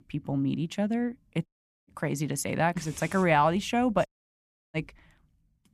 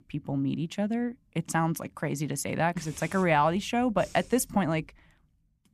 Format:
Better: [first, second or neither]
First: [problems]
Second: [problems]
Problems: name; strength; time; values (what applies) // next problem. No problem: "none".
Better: second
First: audio cutting out; at 1.5 s and at 4 s for 0.5 s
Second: none